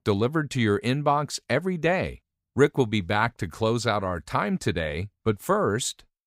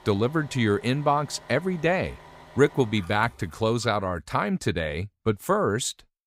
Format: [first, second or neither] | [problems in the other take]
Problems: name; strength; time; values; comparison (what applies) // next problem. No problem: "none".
first | traffic noise; faint; until 3.5 s; 20 dB below the speech